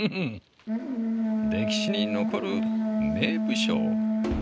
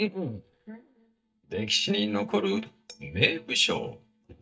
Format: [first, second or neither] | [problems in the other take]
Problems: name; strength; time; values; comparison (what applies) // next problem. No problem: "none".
first | noise reduction (neural mask model DeepFilterNet 3)